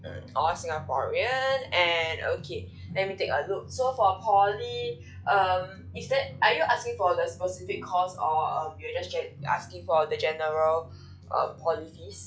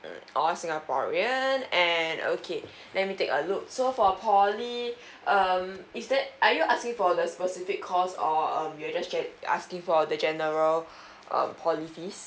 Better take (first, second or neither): second